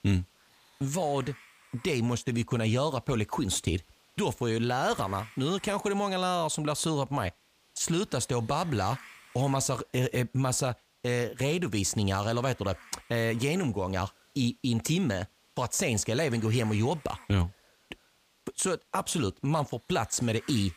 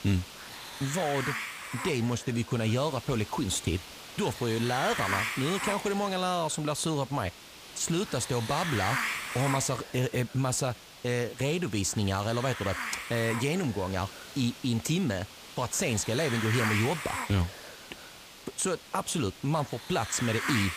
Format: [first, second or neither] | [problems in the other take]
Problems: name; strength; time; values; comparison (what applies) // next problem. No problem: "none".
first | hiss; loud; throughout; 6 dB below the speech; faint in the first